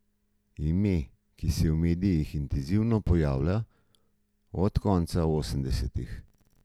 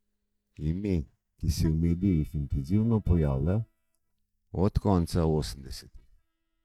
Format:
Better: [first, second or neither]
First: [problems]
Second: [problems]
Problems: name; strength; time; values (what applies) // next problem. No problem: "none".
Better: first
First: none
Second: noise reduction (neural mask model DeepFilterNet 3)